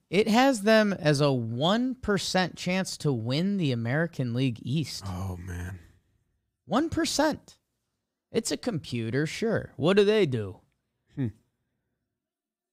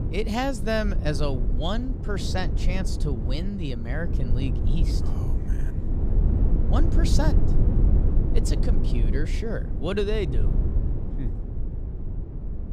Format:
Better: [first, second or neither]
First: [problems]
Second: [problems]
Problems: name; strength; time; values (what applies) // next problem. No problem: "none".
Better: first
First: none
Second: low rumble; loud; throughout; 7 dB below the speech